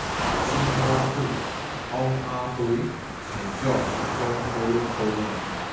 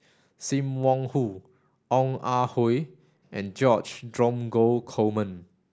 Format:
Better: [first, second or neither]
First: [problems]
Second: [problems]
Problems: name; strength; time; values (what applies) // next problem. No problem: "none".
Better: second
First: background sound (Waves, surf); 1 dB below the speech // room echo; dies away in 0.9 s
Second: none